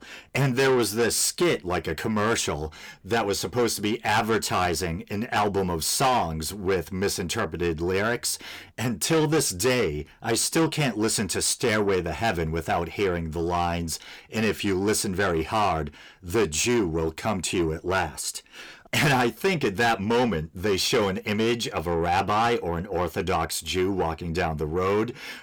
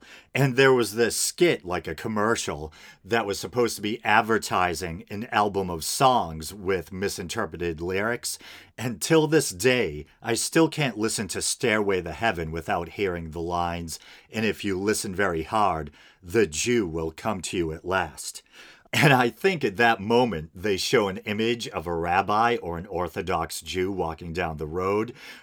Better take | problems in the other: second | distortion; heavy; 7 dB below the speech

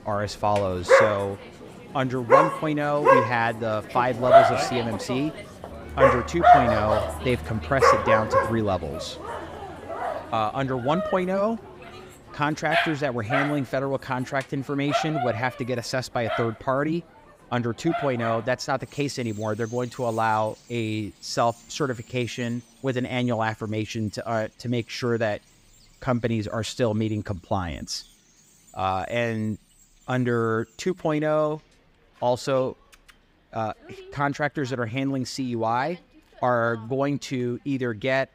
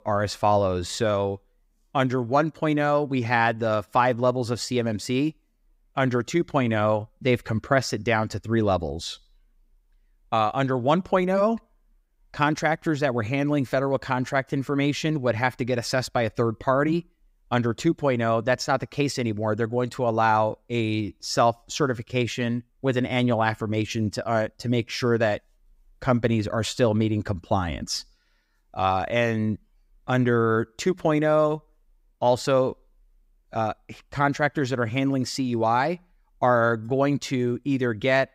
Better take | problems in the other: second | animal sounds; very loud; throughout; 3 dB above the speech

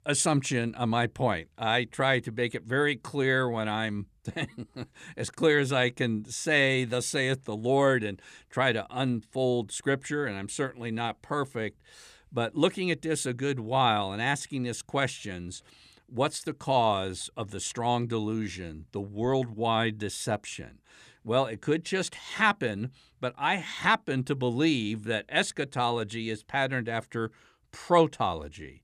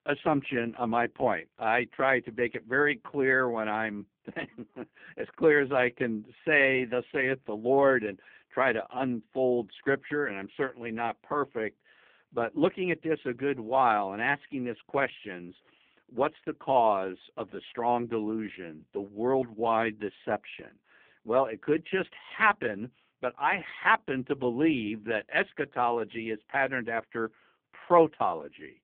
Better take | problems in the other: first | phone-call audio; poor line

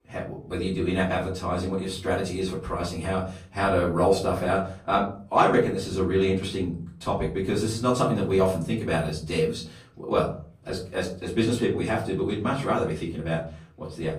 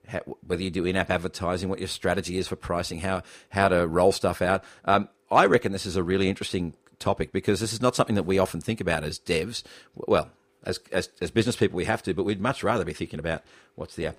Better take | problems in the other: second | off-mic speech; far // room echo; slight; dies away in 0.5 s

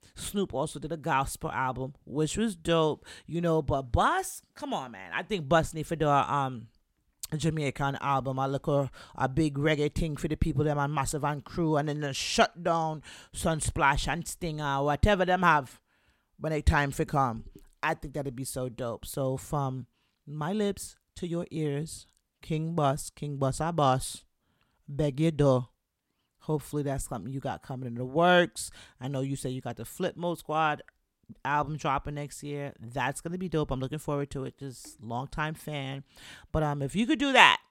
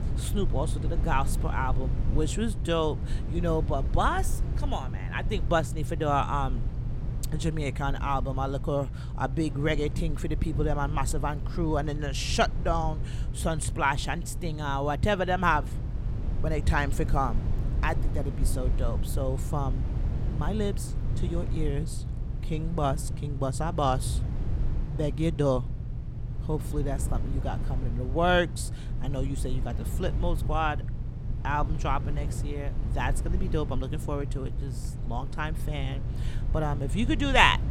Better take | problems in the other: first | low rumble; noticeable; throughout; 15 dB below the speech

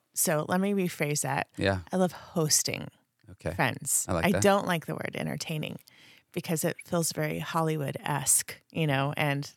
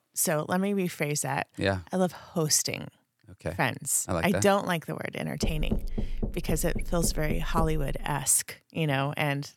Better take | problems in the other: first | door banging; noticeable; from 5.5 to 8 s; peak 4 dB below the speech

